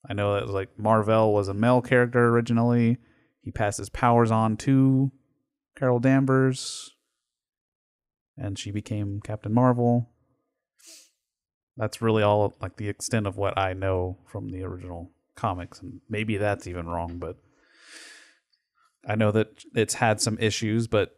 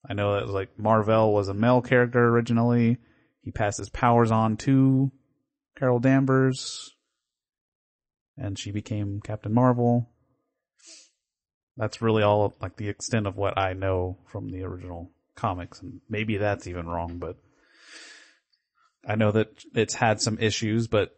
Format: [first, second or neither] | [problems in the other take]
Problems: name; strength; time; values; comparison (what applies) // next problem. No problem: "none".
first | garbled, watery; slightly; nothing above 8 kHz